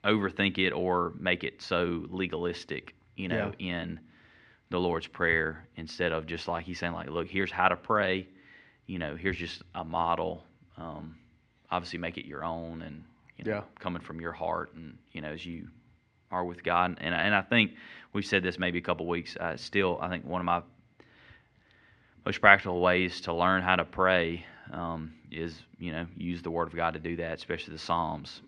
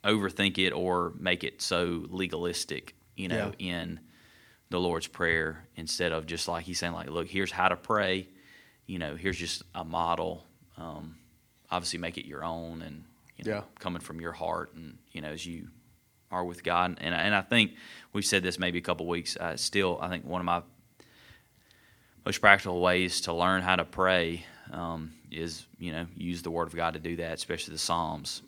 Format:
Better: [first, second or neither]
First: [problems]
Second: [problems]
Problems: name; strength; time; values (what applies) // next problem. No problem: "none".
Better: second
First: muffled; slightly; fading above 2.5 kHz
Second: none